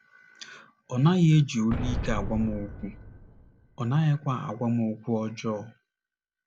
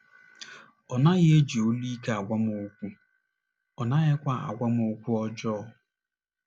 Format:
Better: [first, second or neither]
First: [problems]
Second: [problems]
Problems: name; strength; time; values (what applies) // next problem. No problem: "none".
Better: second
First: background sound (Boom); 7 dB below the speech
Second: none